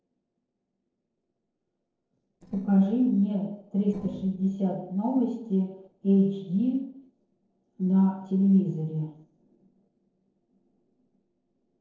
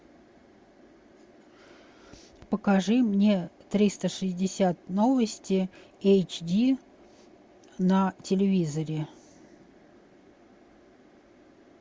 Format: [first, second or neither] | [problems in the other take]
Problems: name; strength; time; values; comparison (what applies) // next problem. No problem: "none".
second | noise reduction (neural separator model SepFormer DNS4)